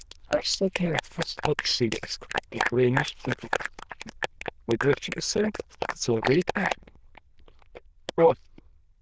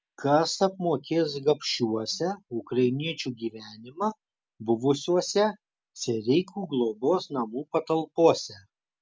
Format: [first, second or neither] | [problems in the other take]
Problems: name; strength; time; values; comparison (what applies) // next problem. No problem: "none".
second | noise reduction (neural diffusion model UNIVERSE++)